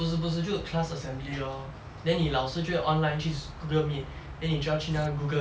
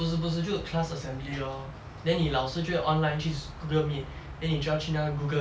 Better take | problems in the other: second | background sound (Tearing); 16 dB below the speech

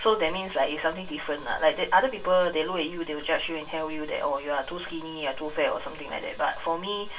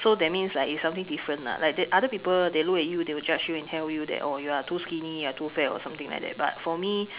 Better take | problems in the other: second | room echo; dies away in 0.2 s

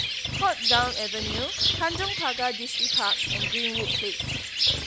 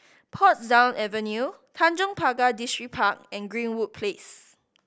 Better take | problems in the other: second | background sound (Bird); 4 dB above the speech

